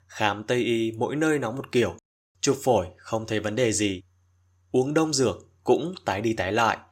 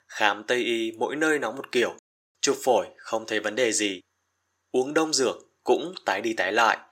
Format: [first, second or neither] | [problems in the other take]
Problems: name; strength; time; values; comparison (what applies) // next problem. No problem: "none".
first | thin; somewhat; fading below 350 Hz